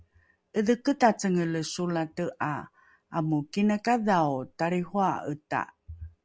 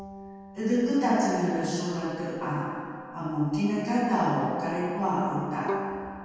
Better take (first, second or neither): first